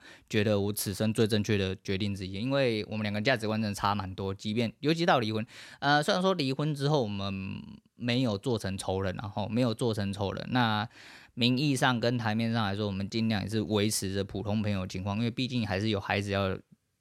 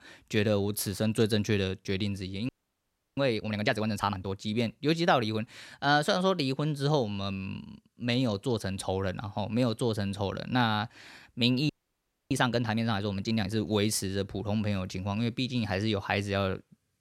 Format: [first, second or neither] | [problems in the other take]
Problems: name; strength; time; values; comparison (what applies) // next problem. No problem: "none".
first | audio freezing; at 2.5 s for 0.5 s and at 12 s for 0.5 s